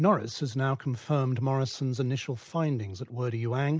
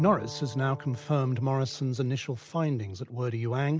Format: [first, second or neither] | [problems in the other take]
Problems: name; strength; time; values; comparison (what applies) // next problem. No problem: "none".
first | background sound (Bowed string instrument); 20 dB below the speech